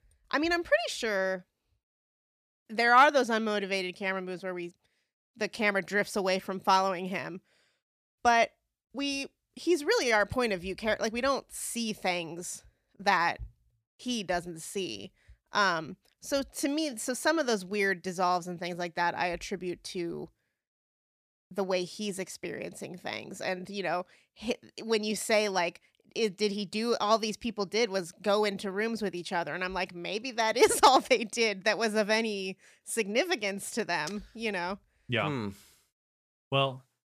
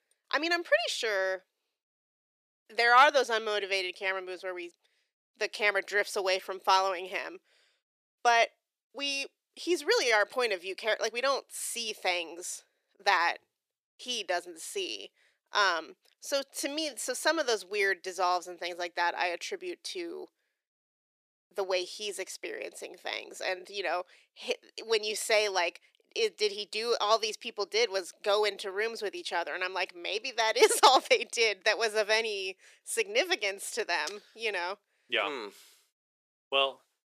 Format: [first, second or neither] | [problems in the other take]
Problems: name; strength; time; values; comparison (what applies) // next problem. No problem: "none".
first | thin; very; fading below 400 Hz